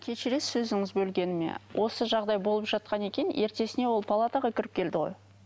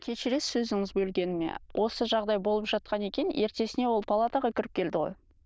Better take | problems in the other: first | noise reduction (neural diffusion model UNIVERSE++)

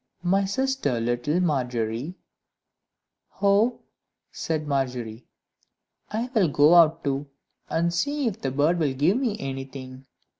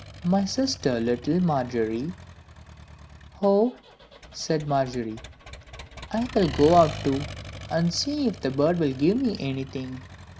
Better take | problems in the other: first | background sound (Accelerating, revving, vroom); 15 dB below the speech

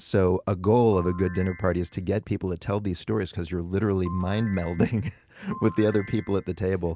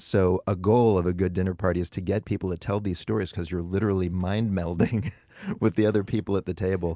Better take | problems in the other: second | background sound (Ringtone / Chime); 18 dB below the speech

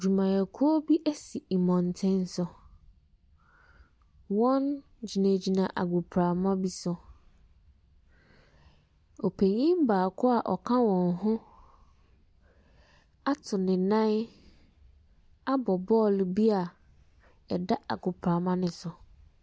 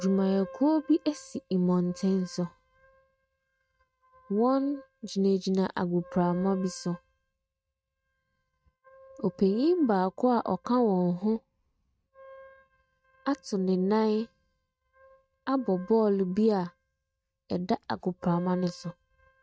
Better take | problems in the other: first | noise reduction (neural mask model RNNoise)

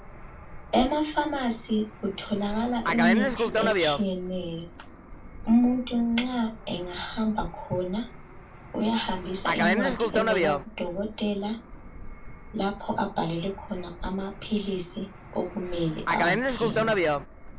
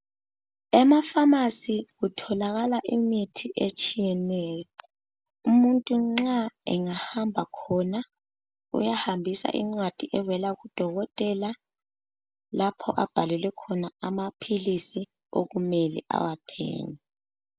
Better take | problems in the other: second | background sound (Fixed-wing aircraft, airplane); 2 dB below the speech // room echo; dies away in 0.2 s

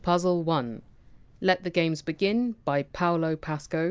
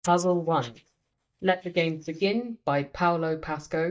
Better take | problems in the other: first | noise reduction (neural mask model DeepFilterNet 3)

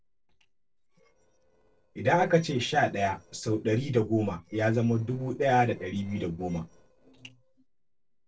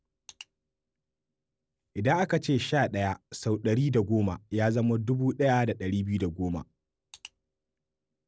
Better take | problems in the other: second | noise reduction (neural separator model SepFormer DNS4)

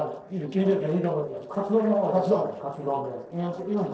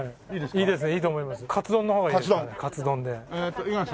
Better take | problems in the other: second | noise reduction (neural separator model SepFormer DNS4)

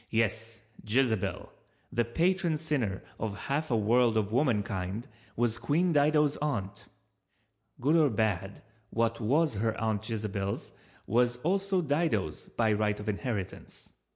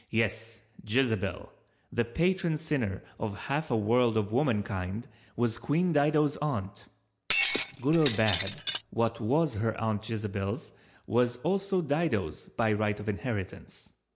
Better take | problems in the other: first | background sound (Shatter); 4 dB below the speech

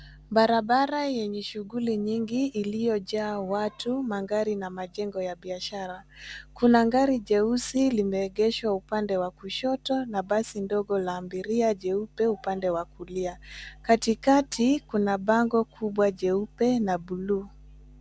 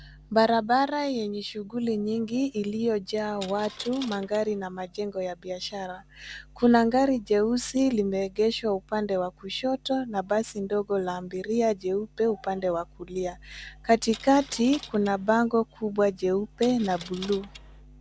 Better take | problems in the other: first | background sound (Coin (dropping)); 18 dB below the speech

